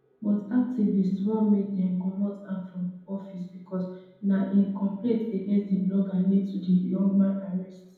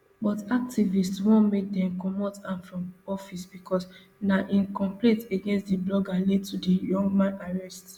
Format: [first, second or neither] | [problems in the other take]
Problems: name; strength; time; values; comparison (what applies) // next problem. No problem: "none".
second | room echo; dies away in 1.9 s